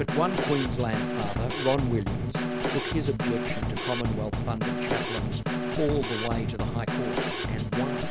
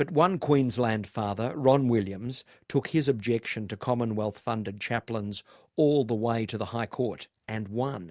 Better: second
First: background sound (Snare drum / Drum kit); 2 dB above the speech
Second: none

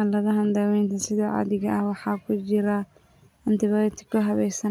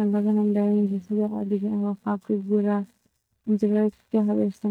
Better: first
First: none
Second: noise reduction (neural mask model DeepFilterNet 3)

